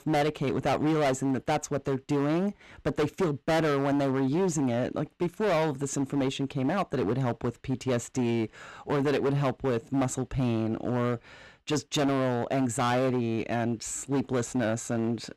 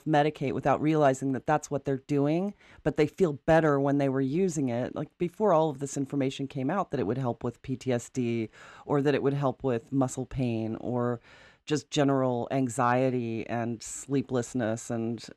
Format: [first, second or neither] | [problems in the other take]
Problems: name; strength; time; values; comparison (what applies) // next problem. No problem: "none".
second | distortion; heavy; 16% of the sound clipped